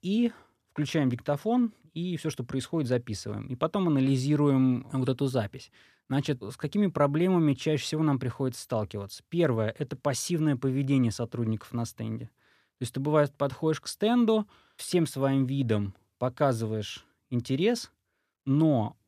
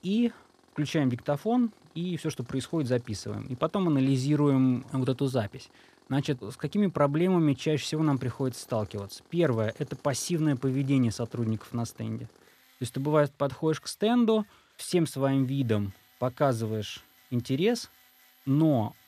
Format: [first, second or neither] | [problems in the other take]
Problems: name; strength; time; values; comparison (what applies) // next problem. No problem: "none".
first | machinery noise; faint; throughout; 30 dB below the speech